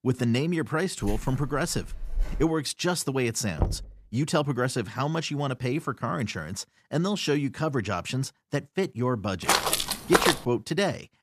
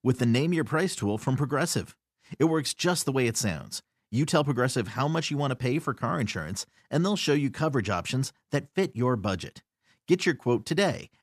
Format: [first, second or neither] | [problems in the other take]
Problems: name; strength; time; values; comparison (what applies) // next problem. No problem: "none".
second | jangling keys; noticeable; from 1 to 2.5 s; peak 7 dB below the speech // door banging; noticeable; at 3.5 s; peak 3 dB below the speech // footsteps; loud; at 9.5 s; peak 6 dB above the speech